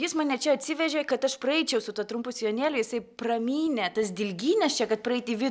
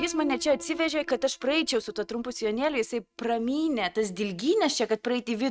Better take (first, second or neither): first